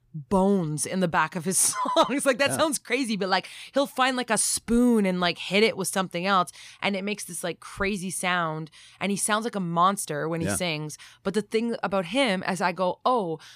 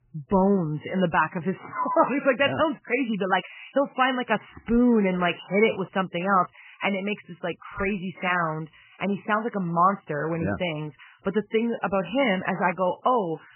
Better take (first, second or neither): first